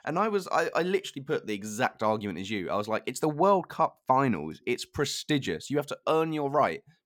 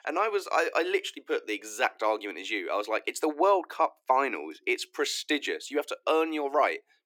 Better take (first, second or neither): first